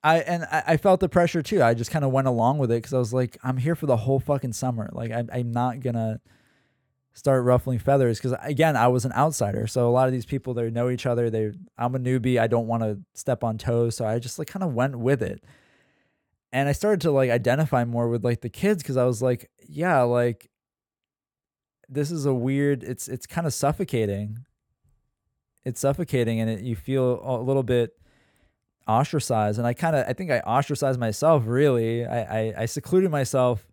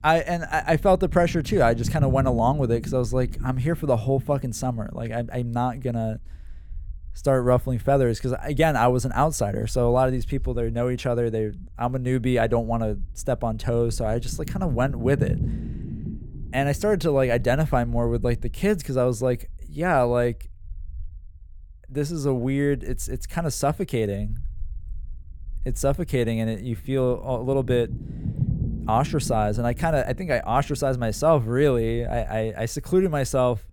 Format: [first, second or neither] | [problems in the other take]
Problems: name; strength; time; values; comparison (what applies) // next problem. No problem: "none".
first | low rumble; noticeable; throughout; 20 dB below the speech